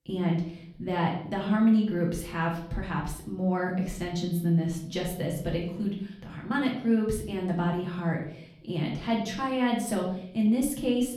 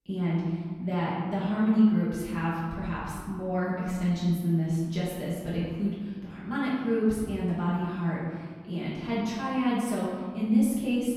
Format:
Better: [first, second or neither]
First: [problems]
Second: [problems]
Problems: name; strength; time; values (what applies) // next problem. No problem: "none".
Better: first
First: room echo; slight; dies away in 0.6 s // off-mic speech; far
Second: room echo; strong; dies away in 1.5 s // off-mic speech; far